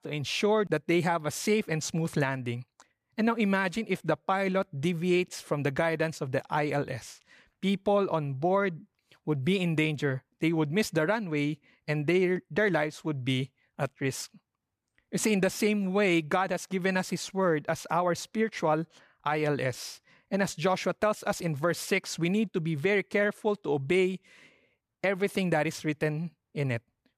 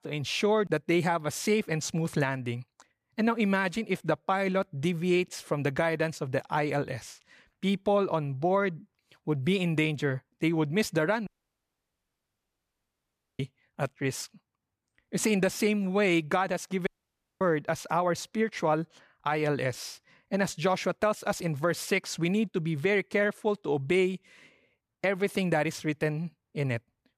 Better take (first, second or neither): first